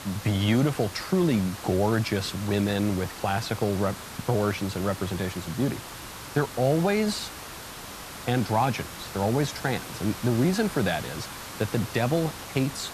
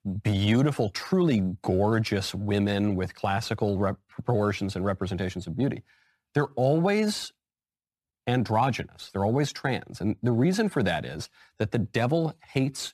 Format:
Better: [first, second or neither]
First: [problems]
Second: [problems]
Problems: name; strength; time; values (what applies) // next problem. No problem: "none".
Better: second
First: hiss; noticeable; throughout; 10 dB below the speech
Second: none